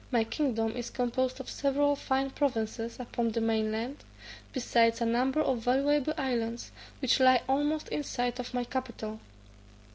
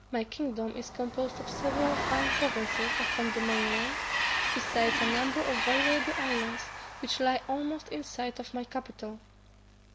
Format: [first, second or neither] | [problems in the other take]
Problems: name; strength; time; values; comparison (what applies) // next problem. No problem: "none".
first | background sound (Train); as loud as the speech